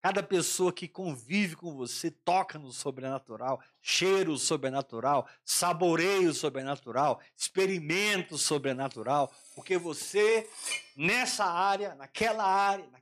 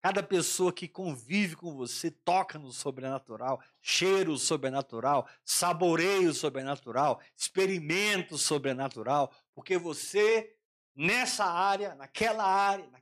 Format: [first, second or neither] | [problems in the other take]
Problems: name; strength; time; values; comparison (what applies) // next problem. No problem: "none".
second | clattering dishes; noticeable; at 10 s; peak 5 dB below the speech